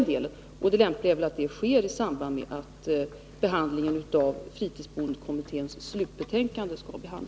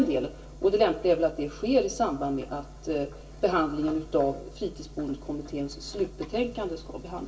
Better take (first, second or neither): first